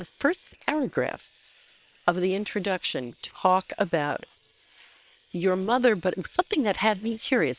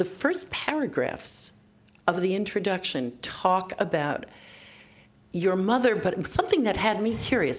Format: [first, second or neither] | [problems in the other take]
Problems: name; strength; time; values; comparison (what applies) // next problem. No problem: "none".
second | noise reduction (neural separator model SepFormer WHAM!)